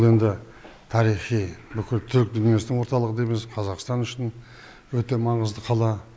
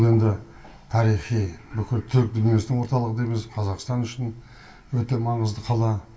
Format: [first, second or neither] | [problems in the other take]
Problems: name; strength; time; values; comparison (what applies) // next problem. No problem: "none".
first | room echo; dies away in 0.2 s